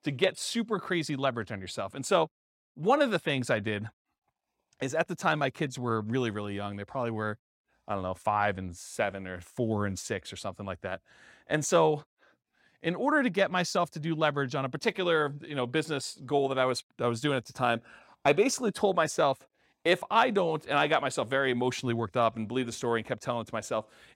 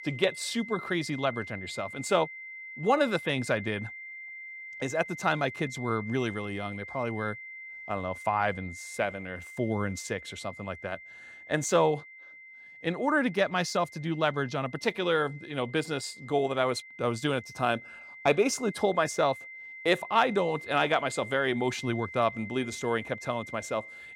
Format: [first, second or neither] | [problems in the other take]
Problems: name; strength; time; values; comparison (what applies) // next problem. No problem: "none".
first | high-pitched whine; noticeable; throughout; 2 kHz, 15 dB below the speech